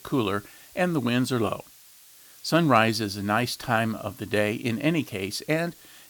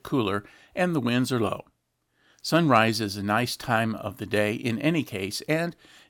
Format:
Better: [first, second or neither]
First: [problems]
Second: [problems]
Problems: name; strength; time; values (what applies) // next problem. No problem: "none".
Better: second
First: hiss; faint; throughout; 25 dB below the speech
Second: none